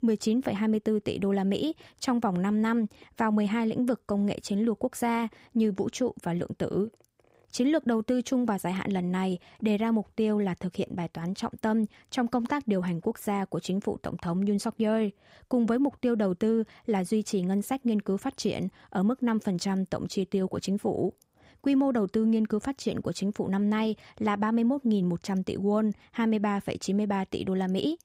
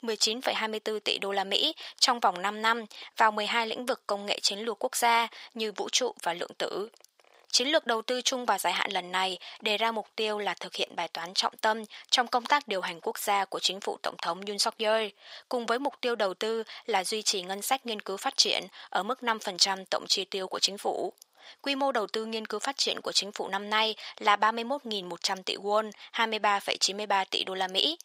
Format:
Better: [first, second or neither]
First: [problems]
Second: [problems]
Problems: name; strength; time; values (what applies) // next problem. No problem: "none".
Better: first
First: none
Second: thin; very; fading below 850 Hz